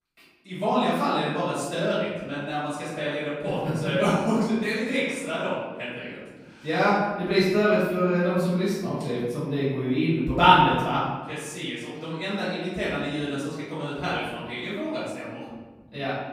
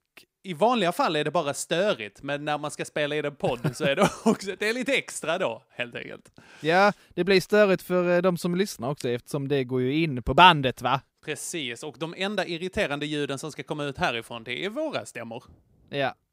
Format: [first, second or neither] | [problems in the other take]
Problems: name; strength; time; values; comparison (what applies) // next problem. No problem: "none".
second | room echo; strong; dies away in 1.3 s // off-mic speech; far